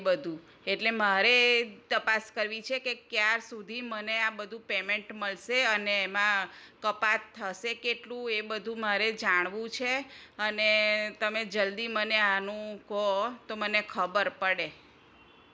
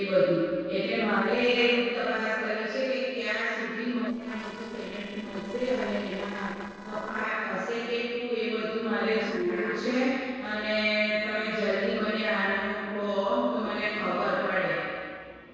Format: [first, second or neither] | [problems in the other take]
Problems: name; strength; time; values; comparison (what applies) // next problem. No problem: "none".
first | noise reduction (neural separator model SepFormer DNS4)